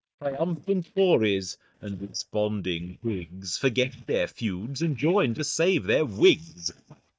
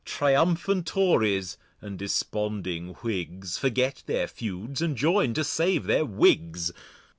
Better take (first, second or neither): second